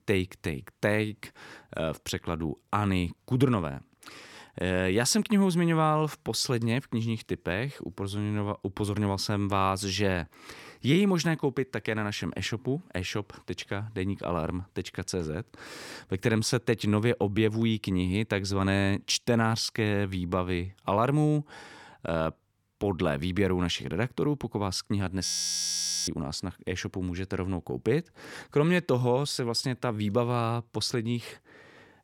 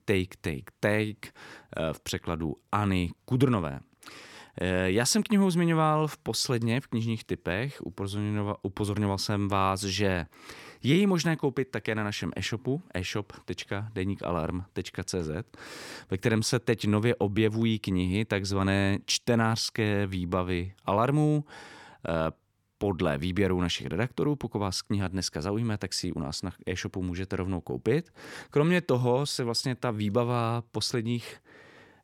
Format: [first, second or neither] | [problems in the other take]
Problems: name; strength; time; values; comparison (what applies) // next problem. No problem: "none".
second | audio freezing; at 25 s for 1 s